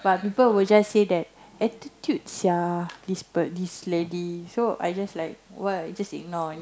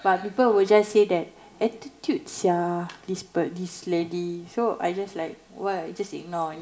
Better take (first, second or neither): first